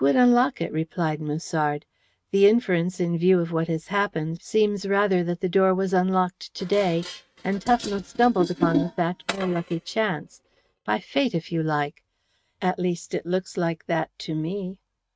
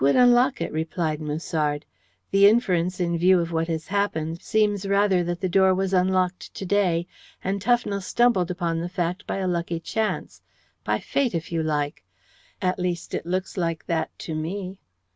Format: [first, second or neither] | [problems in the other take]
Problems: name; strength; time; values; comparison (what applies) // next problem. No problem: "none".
second | noise reduction (neural mask model RNNoise)